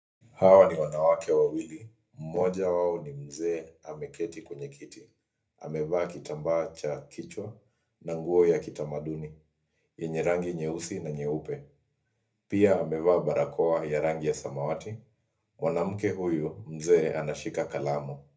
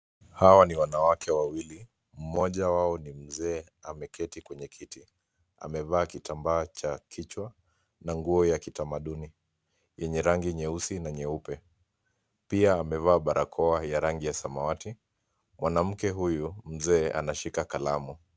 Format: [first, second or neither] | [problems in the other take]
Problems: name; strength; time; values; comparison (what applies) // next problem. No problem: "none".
second | room echo; dies away in 0.3 s